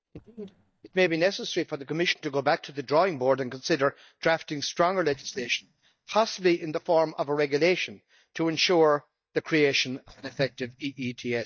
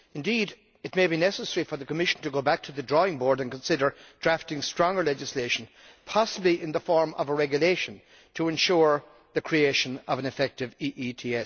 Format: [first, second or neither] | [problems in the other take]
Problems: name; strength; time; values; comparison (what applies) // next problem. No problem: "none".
second | noise reduction (neural mask model DeepFilterNet 3)